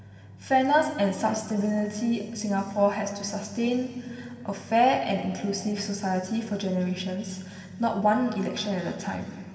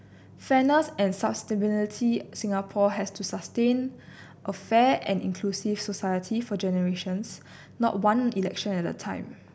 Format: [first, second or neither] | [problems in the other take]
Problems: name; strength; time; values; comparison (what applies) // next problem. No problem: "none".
second | room echo; dies away in 2.4 s